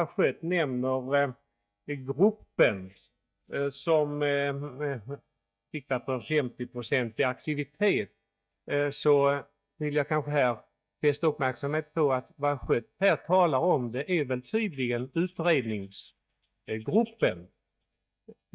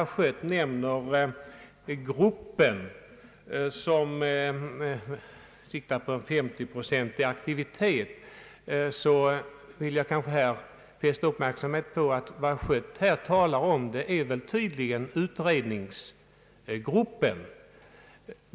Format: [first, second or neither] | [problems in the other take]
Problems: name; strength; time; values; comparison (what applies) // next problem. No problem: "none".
second | noise reduction (neural mask model DeepFilterNet 3)